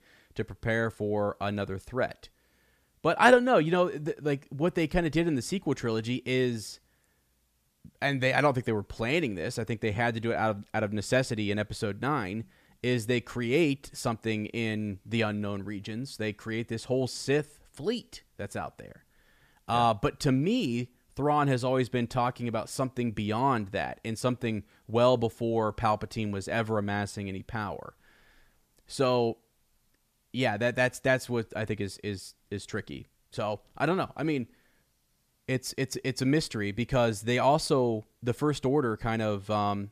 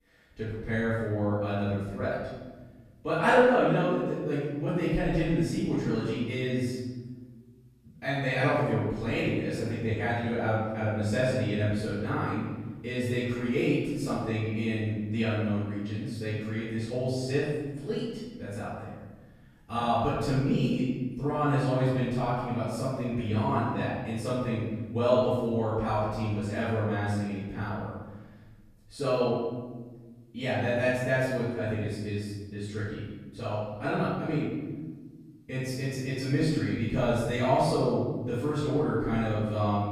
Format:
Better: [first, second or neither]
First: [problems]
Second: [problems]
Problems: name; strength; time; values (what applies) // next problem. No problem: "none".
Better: first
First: none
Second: off-mic speech; far // room echo; strong; dies away in 1.6 s